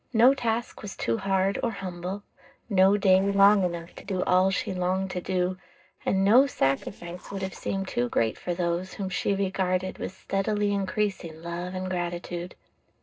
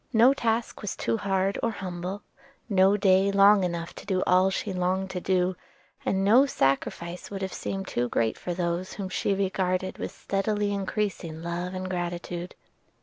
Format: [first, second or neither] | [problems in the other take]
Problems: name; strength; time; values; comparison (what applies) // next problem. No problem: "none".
second | noise reduction (neural separator model SepFormer DNS4)